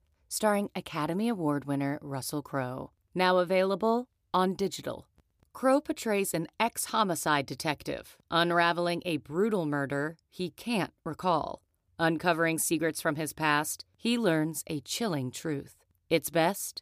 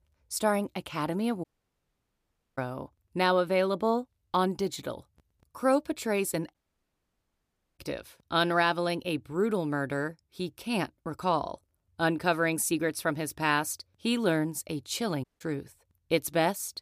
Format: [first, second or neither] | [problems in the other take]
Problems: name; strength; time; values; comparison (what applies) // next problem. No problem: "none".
first | audio cutting out; at 1.5 s for 1 s, at 6.5 s for 1 s and at 15 s